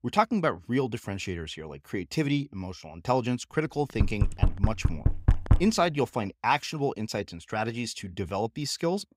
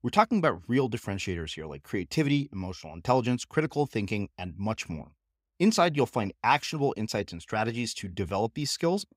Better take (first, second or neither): second